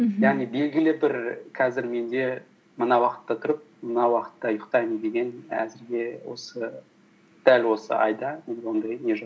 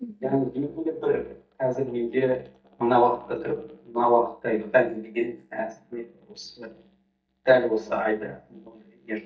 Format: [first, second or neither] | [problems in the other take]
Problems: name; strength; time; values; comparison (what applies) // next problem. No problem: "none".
first | noise reduction (neural mask model DeepFilterNet 3)